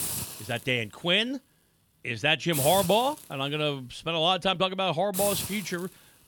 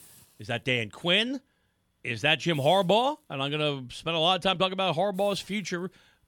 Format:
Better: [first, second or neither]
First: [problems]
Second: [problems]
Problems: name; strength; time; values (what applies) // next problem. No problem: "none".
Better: second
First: hiss; loud; throughout; 6 dB below the speech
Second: hiss; faint; throughout; 25 dB below the speech